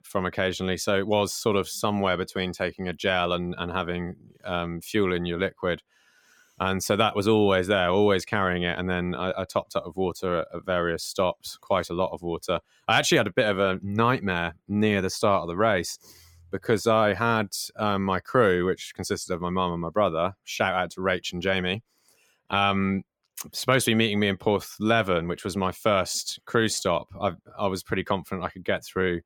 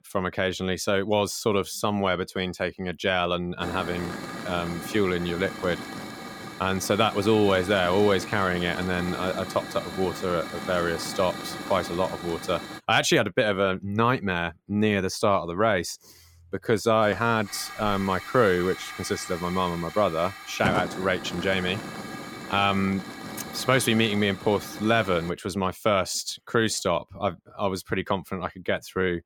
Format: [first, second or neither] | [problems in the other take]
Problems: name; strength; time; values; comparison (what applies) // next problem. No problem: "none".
first | hiss; noticeable; from 3.5 to 13 s and from 17 to 25 s; 10 dB below the speech